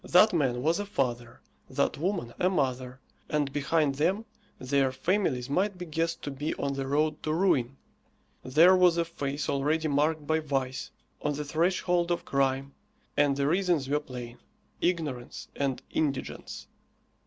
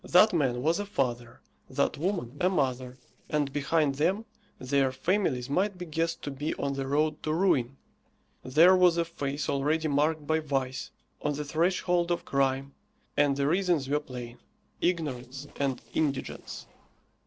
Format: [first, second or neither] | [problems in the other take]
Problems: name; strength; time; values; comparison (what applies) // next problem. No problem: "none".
first | noise reduction (neural separator model SepFormer DNS4)